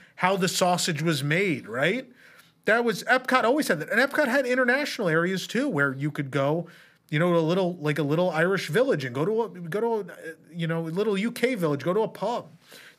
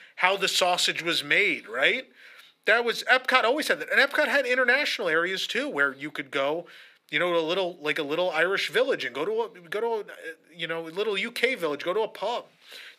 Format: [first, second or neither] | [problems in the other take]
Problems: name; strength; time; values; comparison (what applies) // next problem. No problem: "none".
first | thin; somewhat; fading below 400 Hz